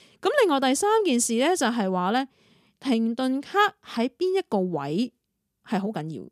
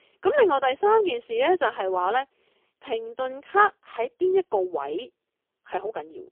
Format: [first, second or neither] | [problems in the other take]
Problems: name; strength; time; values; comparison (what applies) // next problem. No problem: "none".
first | phone-call audio; poor line; nothing above 3.5 kHz